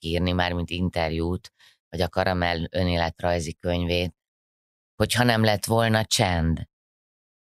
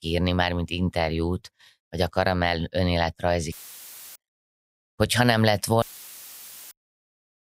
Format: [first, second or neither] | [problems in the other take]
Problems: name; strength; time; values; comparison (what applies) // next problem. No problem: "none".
first | audio cutting out; filled with static; at 3.5 s for 0.5 s and at 6 s for 1 s